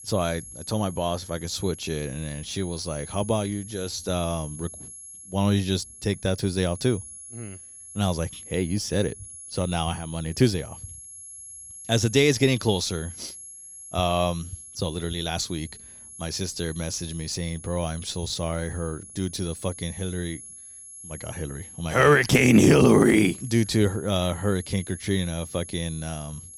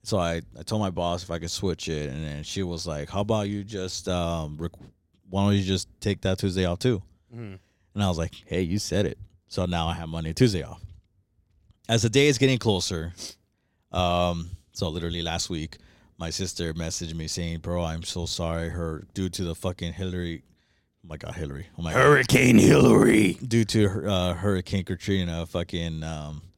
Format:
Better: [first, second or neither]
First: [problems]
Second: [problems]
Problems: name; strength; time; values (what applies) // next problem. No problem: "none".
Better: second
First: high-pitched whine; noticeable; throughout; 11 kHz, 15 dB below the speech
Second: none